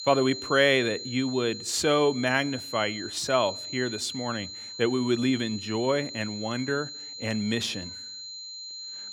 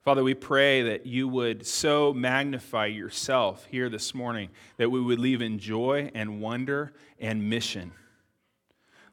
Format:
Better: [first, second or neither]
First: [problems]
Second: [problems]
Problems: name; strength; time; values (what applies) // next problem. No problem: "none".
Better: second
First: high-pitched whine; loud; throughout; 4 kHz, 10 dB below the speech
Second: none